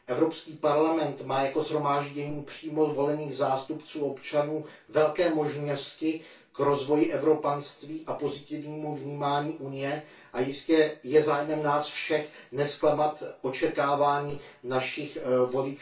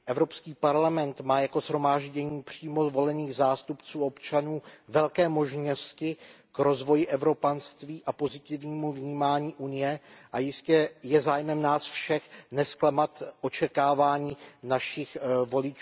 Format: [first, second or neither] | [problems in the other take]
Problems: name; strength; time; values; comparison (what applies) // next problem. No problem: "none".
second | room echo; dies away in 0.2 s